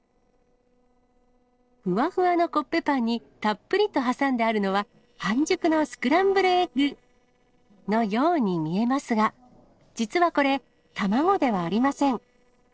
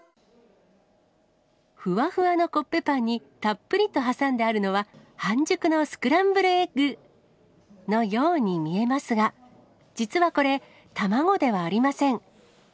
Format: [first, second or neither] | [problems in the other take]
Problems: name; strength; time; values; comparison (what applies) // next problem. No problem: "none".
second | noise reduction (neural separator model SepFormer DNS4)